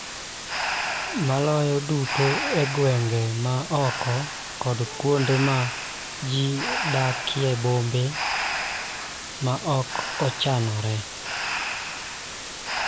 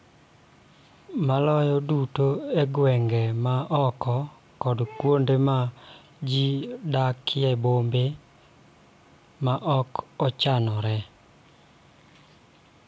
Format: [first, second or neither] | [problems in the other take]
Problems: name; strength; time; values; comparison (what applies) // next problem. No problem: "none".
second | background sound (Water + Breathing); 5 dB below the speech